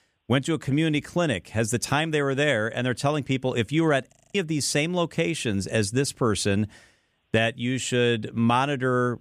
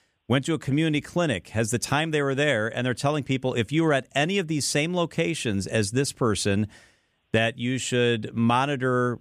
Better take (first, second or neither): second